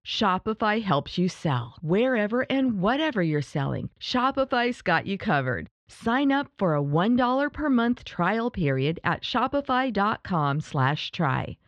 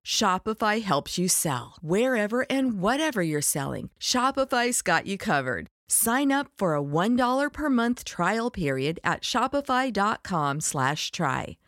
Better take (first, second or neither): second